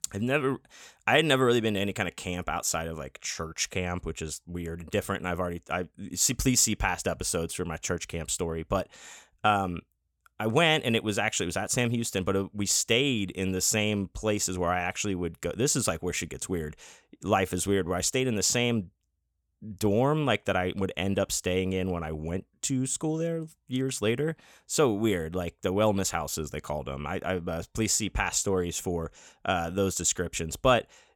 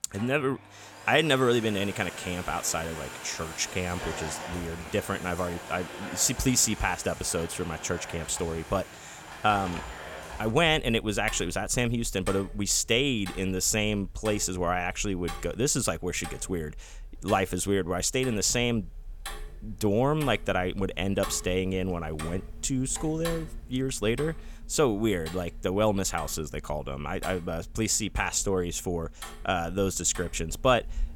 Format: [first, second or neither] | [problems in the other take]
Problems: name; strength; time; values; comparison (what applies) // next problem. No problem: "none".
first | household noises; noticeable; throughout; 15 dB below the speech